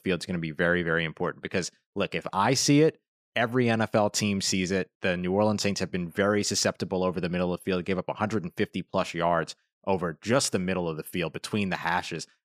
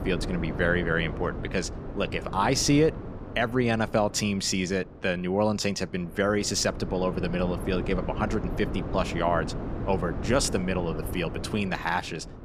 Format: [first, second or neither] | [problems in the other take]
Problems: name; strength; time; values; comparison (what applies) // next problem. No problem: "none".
first | wind noise on the microphone; occasional gusts; 10 dB below the speech